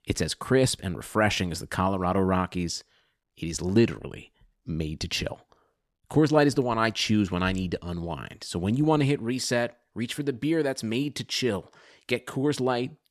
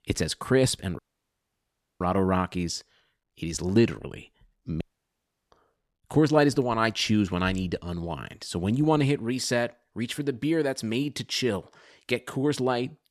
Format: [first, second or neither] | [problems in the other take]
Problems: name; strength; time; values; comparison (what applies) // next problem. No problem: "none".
first | audio cutting out; at 1 s for 1 s and at 5 s for 0.5 s